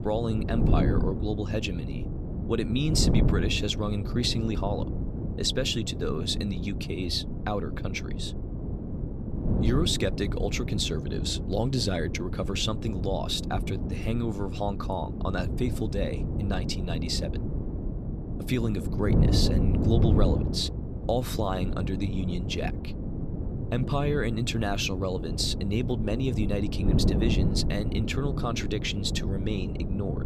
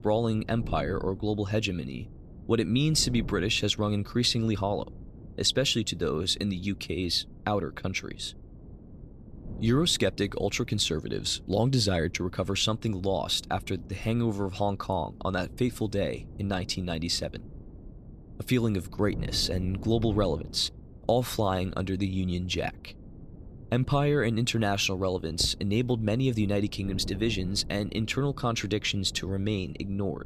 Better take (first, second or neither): second